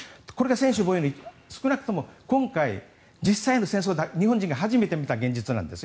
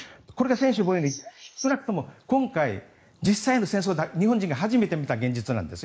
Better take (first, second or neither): first